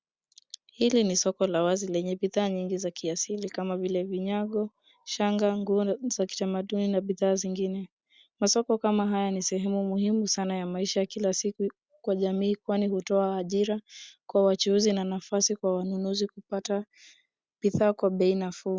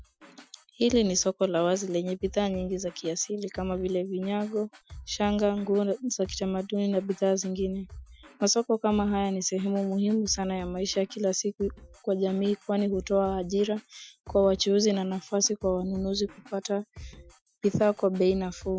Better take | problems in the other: first | noise reduction (classical method Wiener filter)

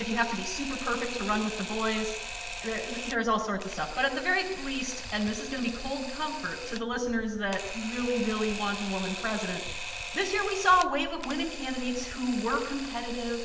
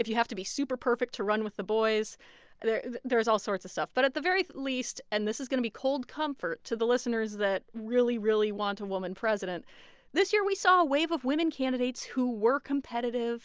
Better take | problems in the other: second | background sound (Camera); 9 dB below the speech // room echo; dies away in 0.9 s

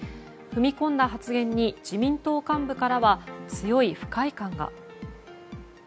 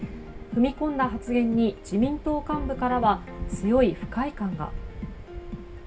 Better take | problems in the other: first | background sound (Waves, surf); 12 dB below the speech // room echo; dies away in 0.2 s

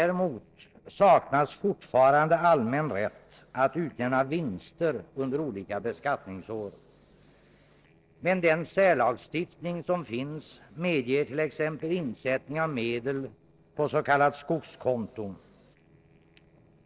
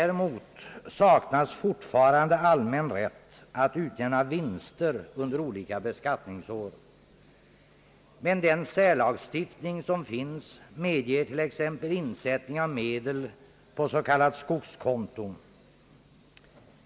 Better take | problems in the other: second | noise reduction (neural separator model SepFormer DNS4)

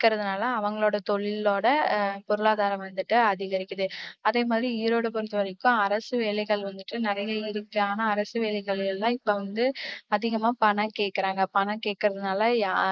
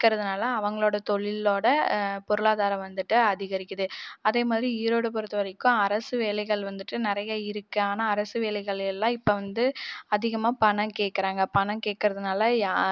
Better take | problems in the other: second | noise reduction (neural mask model Resemble Enhance denoiser)

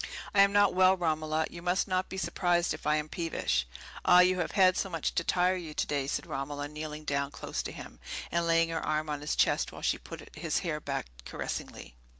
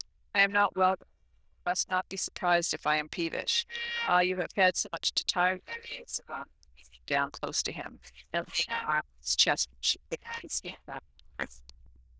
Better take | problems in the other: first | noise reduction (neural diffusion model UNIVERSE++)

